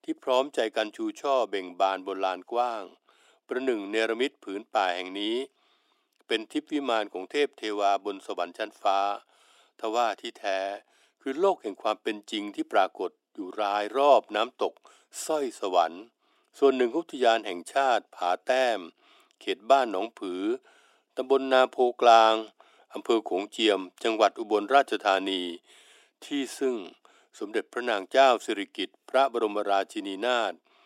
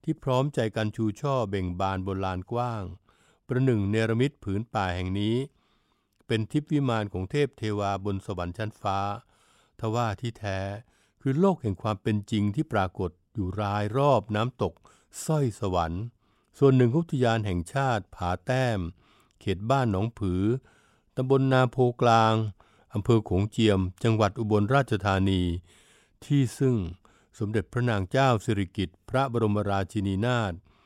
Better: second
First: thin; very; fading below 300 Hz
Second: none

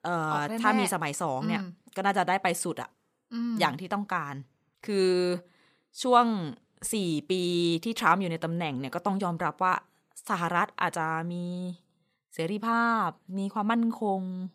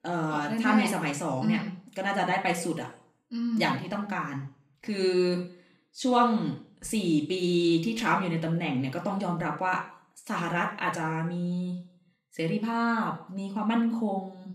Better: first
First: none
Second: room echo; slight; dies away in 0.5 s // off-mic speech; somewhat distant

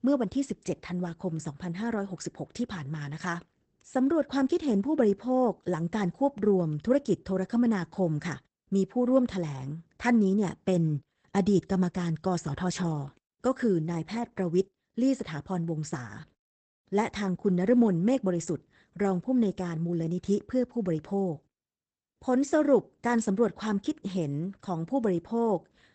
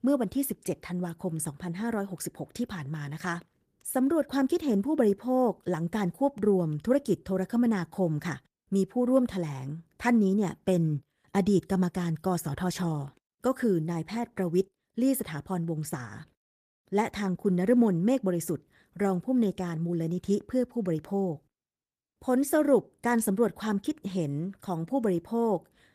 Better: second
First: garbled, watery; badly; nothing above 8 kHz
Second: garbled, watery; slightly; nothing above 14.5 kHz

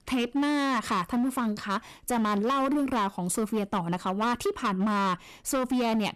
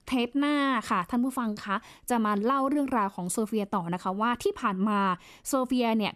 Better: second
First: distortion; slight; 19% of the sound clipped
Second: none

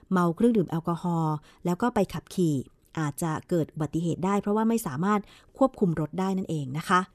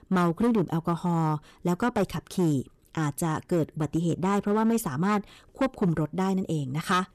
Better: first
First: none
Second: distortion; slight; 7% of the sound clipped

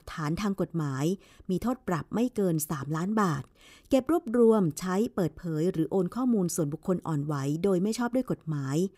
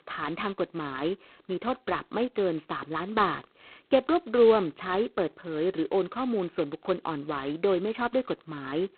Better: first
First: none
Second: phone-call audio; poor line; nothing above 4 kHz

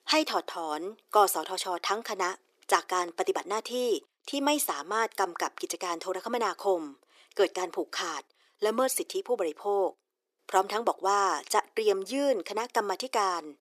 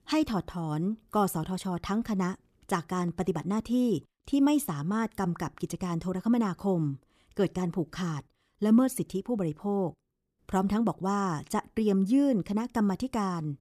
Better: second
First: thin; very; fading below 400 Hz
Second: none

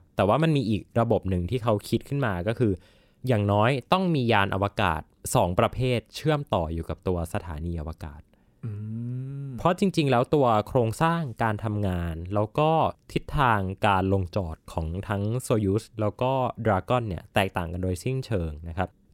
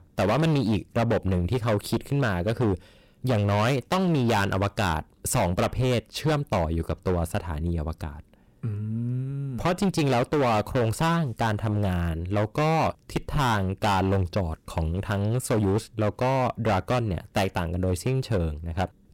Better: first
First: none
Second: distortion; heavy; 14% of the sound clipped

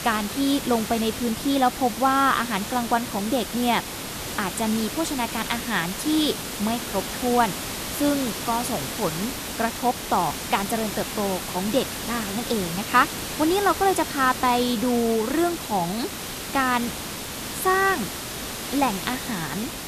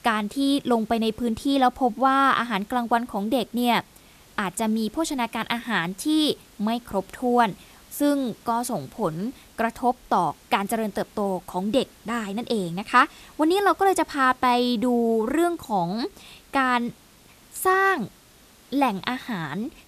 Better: second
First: hiss; loud; throughout; 6 dB below the speech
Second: hiss; faint; throughout; 25 dB below the speech

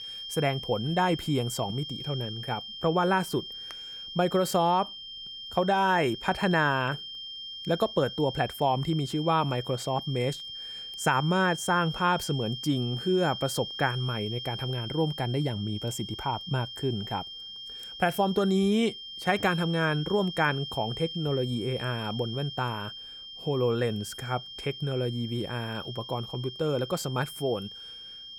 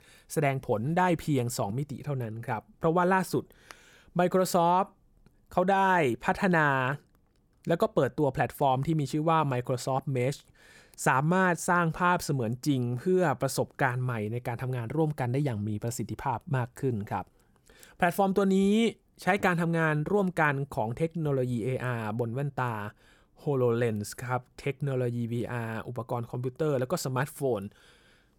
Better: second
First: high-pitched whine; loud; throughout; 3 kHz, 9 dB below the speech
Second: none

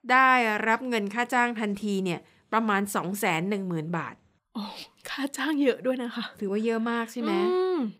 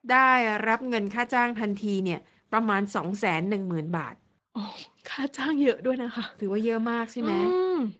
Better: first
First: none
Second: garbled, watery; slightly; nothing above 7.5 kHz

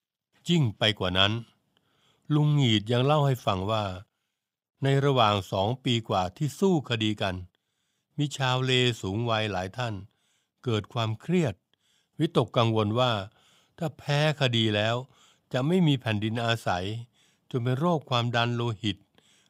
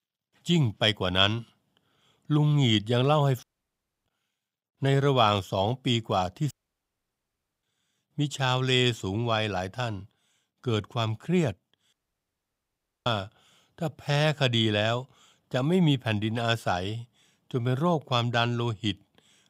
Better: first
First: none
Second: audio cutting out; at 3.5 s for 0.5 s, at 6.5 s for 1 s and at 12 s for 1 s

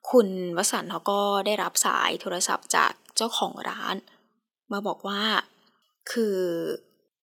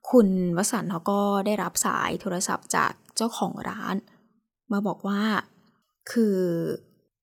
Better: second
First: thin; somewhat; fading below 350 Hz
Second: none

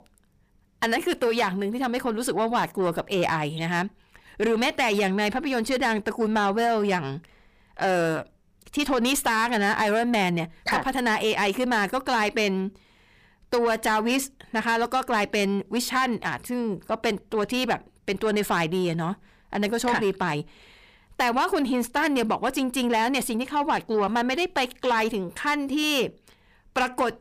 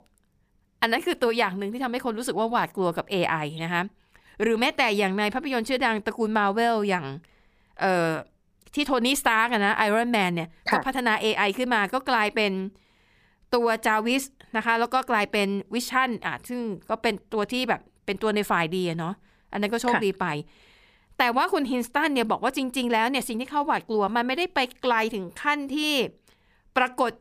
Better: second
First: distortion; slight; 10 dB below the speech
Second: none

